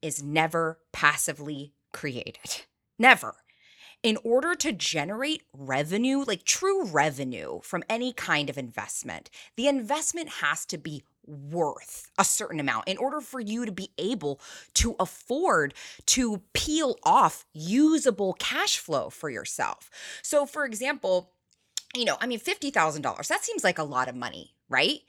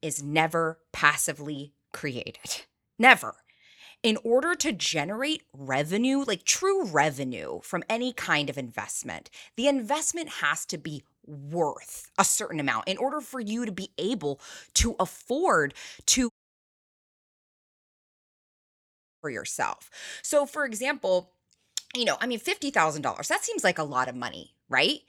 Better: first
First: none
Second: audio cutting out; at 16 s for 3 s

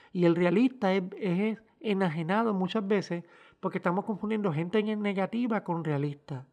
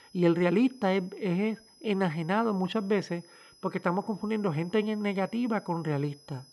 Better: first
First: none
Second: high-pitched whine; faint; throughout; 5 kHz, 25 dB below the speech

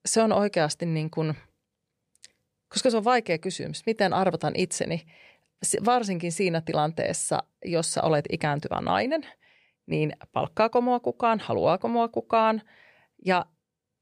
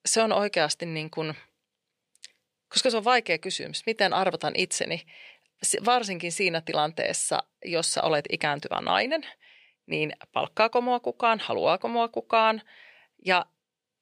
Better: first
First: none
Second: thin; very slightly; fading below 800 Hz

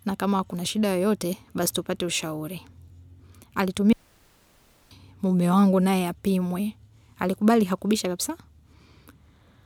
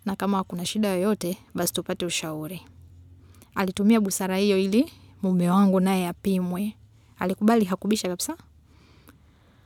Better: second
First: audio cutting out; at 4 s for 1 s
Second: none

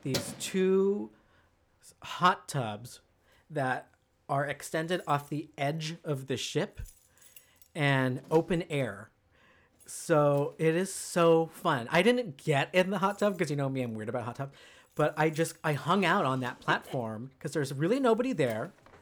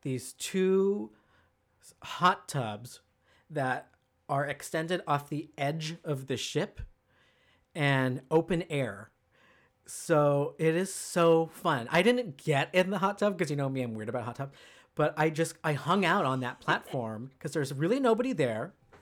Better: second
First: household noises; faint; throughout; 20 dB below the speech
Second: none

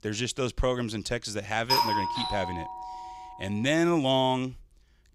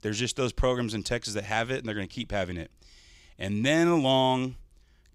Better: second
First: doorbell; loud; from 1.5 to 3 s; peak 4 dB above the speech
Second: none

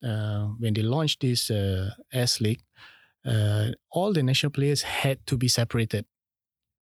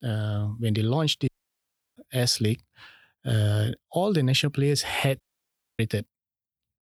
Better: first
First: none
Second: audio cutting out; at 1.5 s for 0.5 s and at 5 s for 0.5 s

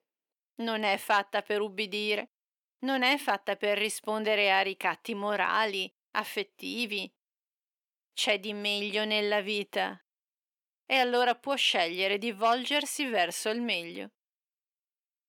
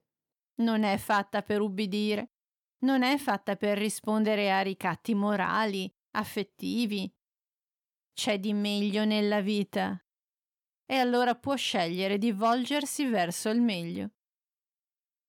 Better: second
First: thin; somewhat; fading below 400 Hz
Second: none

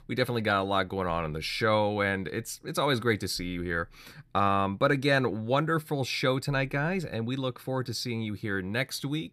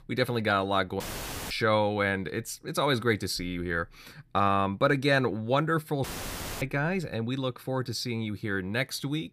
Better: first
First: none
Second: audio cutting out; filled with static; at 1 s for 0.5 s and at 6 s for 0.5 s

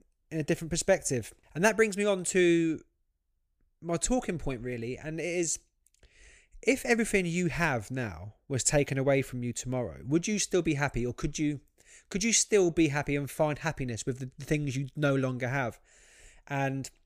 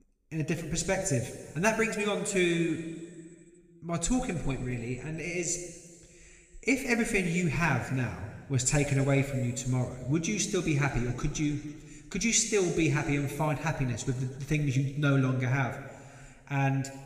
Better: first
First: none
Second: room echo; slight; dies away in 1.9 s

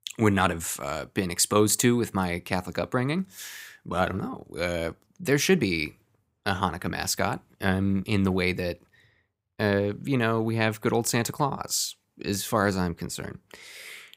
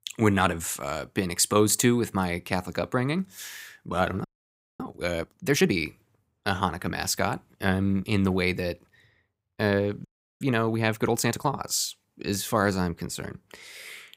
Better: first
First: none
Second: audio freezing; at 4 s for 0.5 s and at 10 s

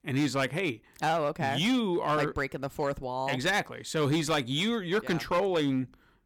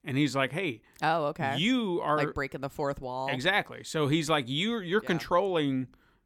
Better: second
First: distortion; slight; 7% of the sound clipped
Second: none

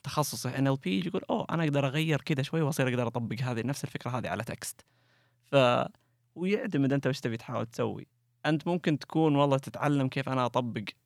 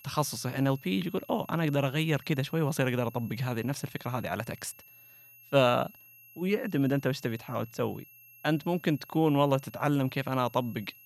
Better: first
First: none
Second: high-pitched whine; faint; throughout; 11.5 kHz, 20 dB below the speech

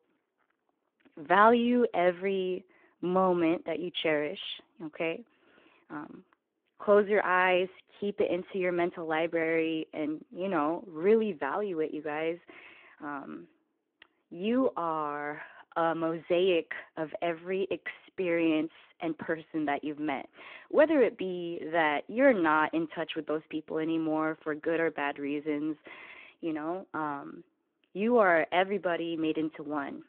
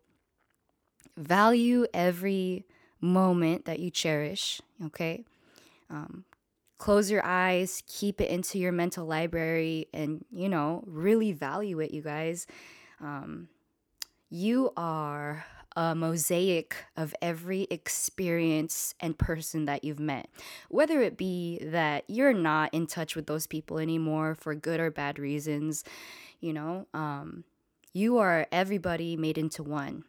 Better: second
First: phone-call audio; nothing above 3.5 kHz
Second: none

